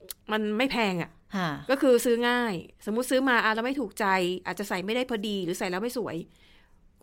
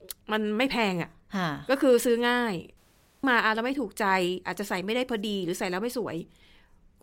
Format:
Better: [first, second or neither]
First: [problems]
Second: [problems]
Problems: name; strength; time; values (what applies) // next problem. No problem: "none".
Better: first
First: none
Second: audio cutting out; at 3 s